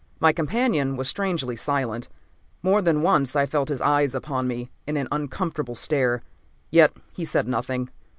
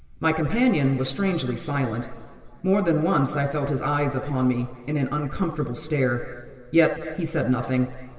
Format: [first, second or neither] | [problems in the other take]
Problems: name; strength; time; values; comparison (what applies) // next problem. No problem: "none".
first | room echo; dies away in 2.3 s